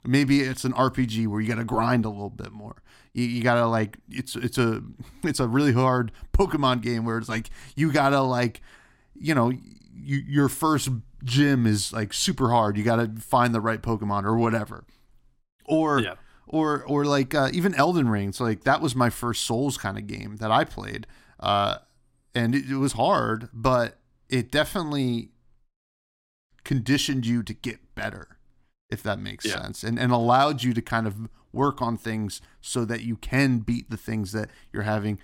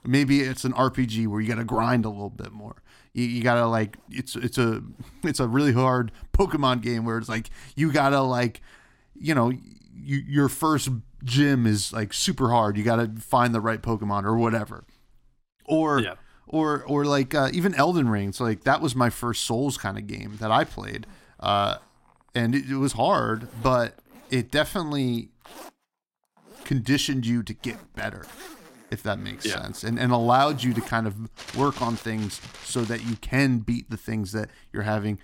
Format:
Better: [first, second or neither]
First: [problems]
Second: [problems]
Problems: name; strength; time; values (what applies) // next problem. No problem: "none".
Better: first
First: none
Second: household noises; faint; throughout; 20 dB below the speech